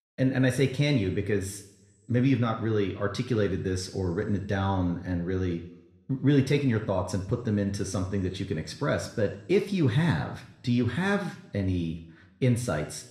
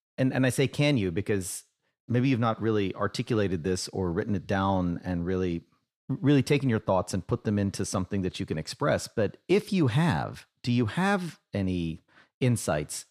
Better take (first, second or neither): second